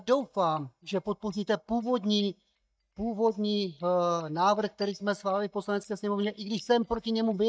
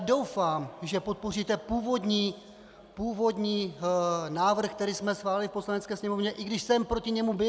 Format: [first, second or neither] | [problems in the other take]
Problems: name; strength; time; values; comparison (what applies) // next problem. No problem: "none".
second | noise reduction (neural mask model DeepFilterNet 3)